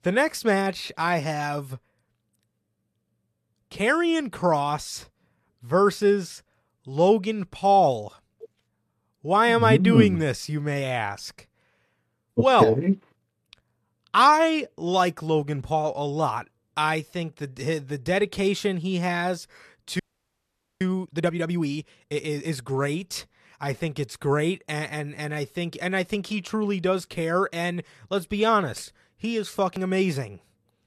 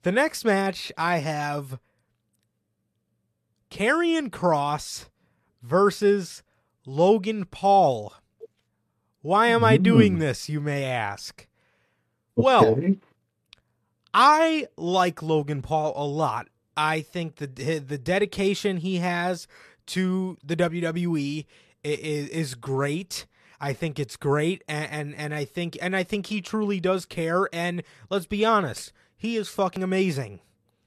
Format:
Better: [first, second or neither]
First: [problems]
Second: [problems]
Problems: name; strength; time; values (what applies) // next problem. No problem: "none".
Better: second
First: audio freezing; at 20 s for 1 s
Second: none